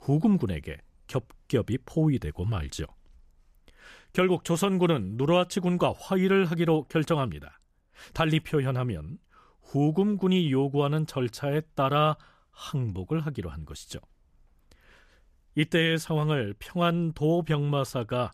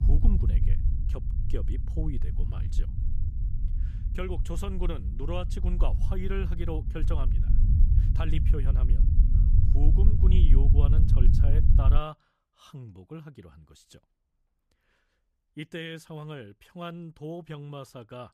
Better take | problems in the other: first | low rumble; loud; until 12 s; 4 dB below the speech

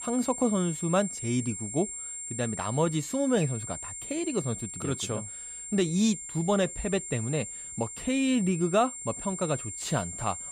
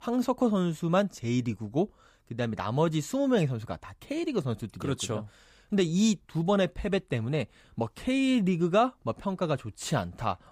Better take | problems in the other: second | high-pitched whine; loud; throughout; 7.5 kHz, 7 dB below the speech

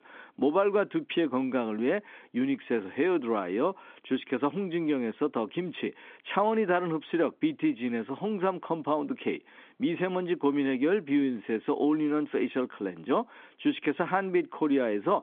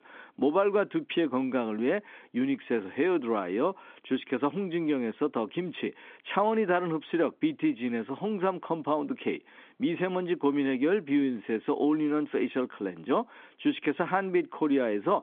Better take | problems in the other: neither | phone-call audio; nothing above 3.5 kHz; the same in both

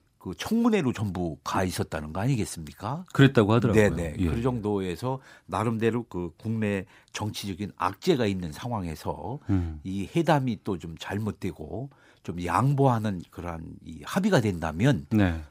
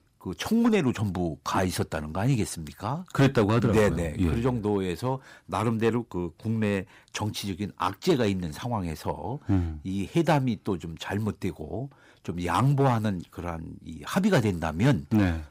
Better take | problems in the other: first | distortion; slight; 2% of the sound clipped

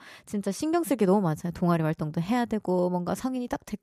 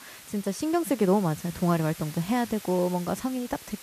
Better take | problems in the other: first | hiss; noticeable; throughout; 15 dB below the speech

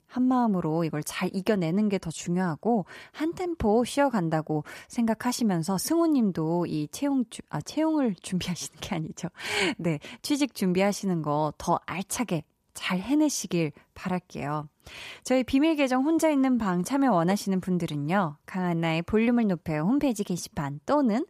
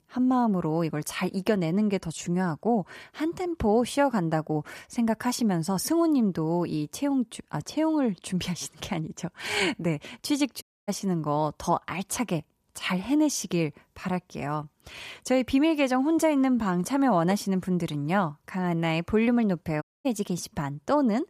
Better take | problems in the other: first | audio cutting out; at 11 s and at 20 s

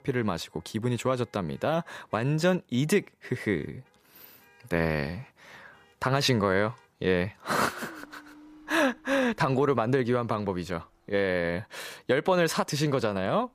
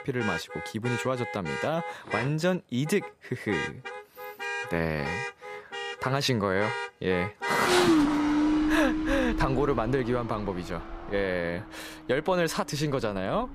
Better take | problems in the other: first | traffic noise; loud; throughout; 1 dB below the speech; faint in the first

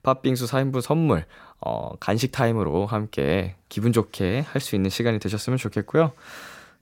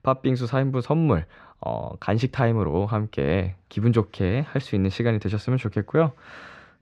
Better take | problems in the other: first | muffled; slightly; fading above 3 kHz

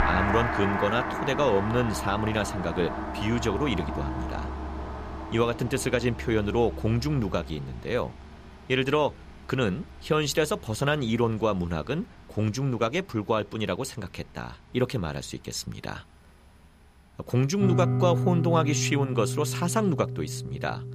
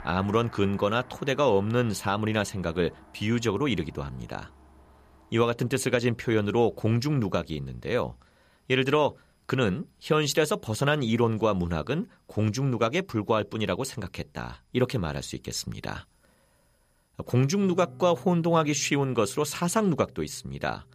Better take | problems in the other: second | background music; loud; throughout; 4 dB below the speech; faint in the second

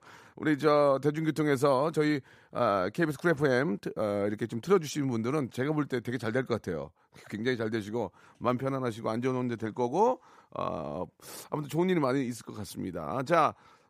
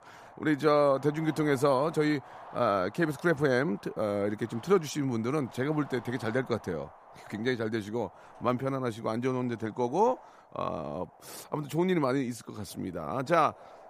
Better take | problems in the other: first | wind noise on the microphone; occasional gusts; 20 dB below the speech

